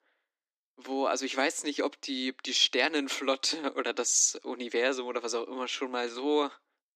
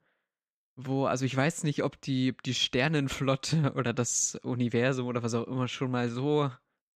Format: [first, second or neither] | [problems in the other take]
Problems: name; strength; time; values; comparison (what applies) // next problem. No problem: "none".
second | thin; somewhat; fading below 300 Hz